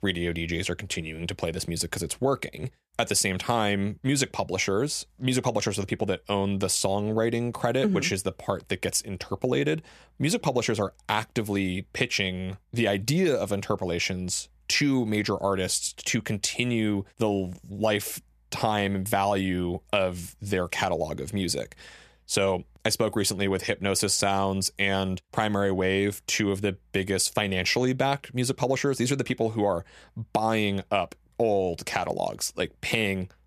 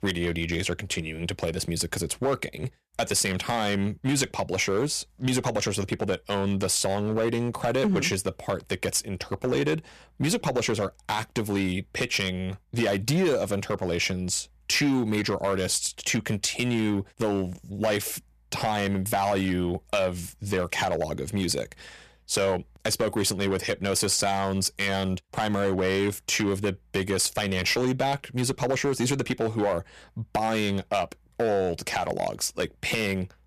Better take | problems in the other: first | distortion; slight; 6% of the sound clipped

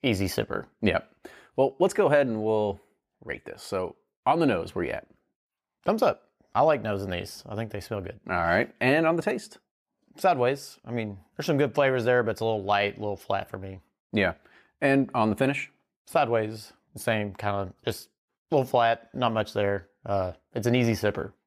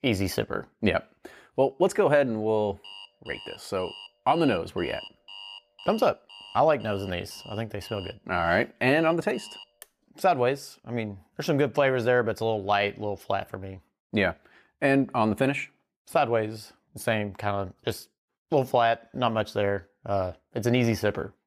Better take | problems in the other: first | alarm; faint; from 3 to 10 s; peak 15 dB below the speech

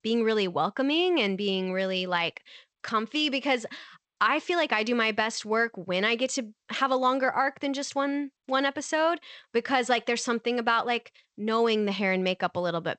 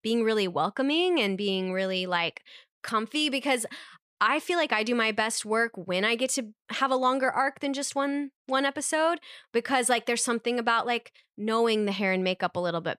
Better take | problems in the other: second | garbled, watery; slightly; nothing above 8 kHz

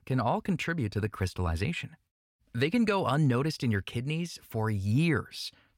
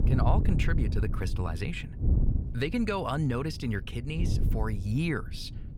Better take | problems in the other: first | wind noise on the microphone; occasional gusts; 10 dB below the speech

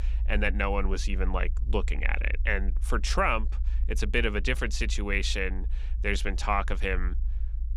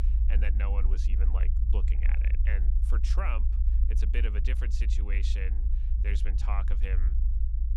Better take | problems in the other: first | low rumble; loud; throughout; 8 dB below the speech; faint in the first

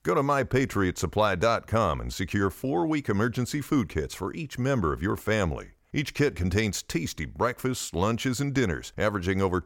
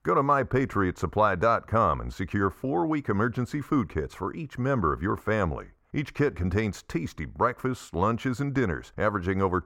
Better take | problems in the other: first | muffled; slightly; fading above 2.5 kHz

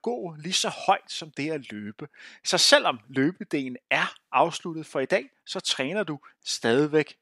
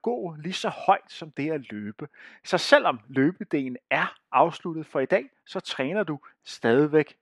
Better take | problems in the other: first | muffled; slightly; fading above 3.5 kHz

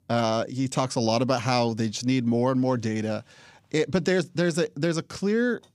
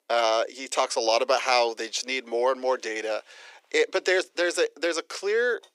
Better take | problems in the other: first | thin; very; fading below 400 Hz

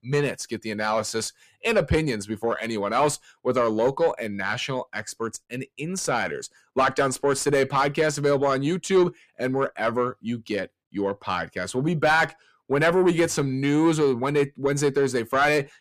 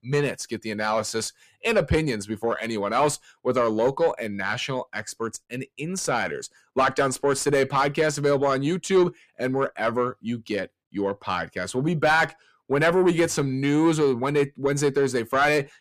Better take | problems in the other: neither | distortion; slight; 10 dB below the speech; the same in both

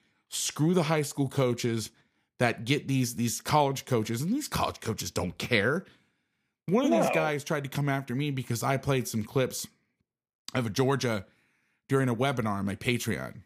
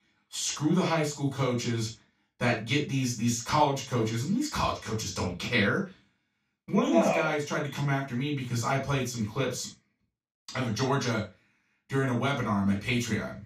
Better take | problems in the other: first | room echo; noticeable; dies away in 0.2 s // off-mic speech; far

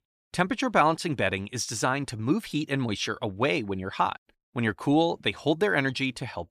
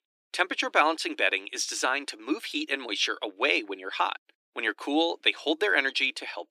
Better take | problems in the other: first | thin; somewhat; fading below 300 Hz

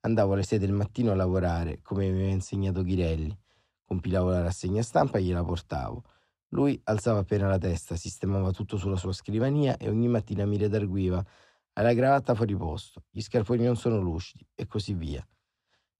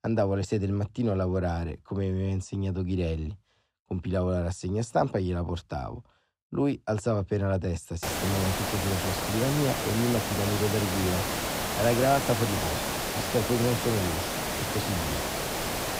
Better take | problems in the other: first | hiss; loud; from 8 s on; as loud as the speech

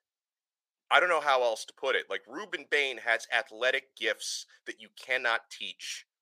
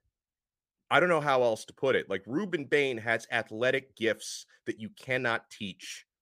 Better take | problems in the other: second | thin; very; fading below 700 Hz

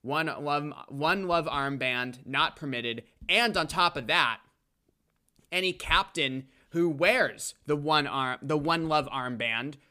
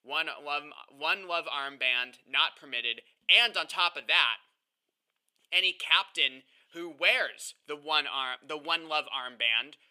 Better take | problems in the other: first | thin; very; fading below 550 Hz

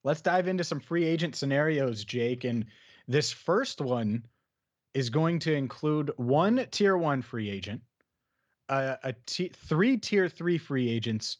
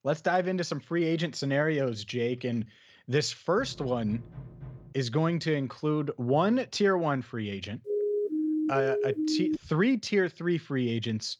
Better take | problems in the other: first | door banging; faint; from 3.5 to 5 s; peak 15 dB below the speech // siren; loud; from 8 to 9.5 s; peak level with the speech

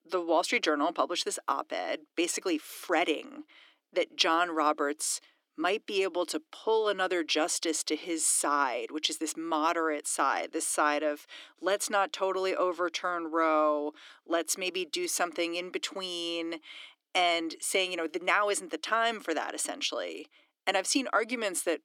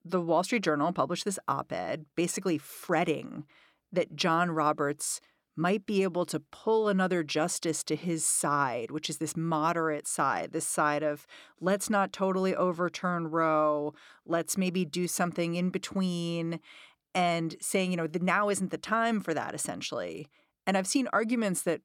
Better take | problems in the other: second | thin; somewhat; fading below 300 Hz

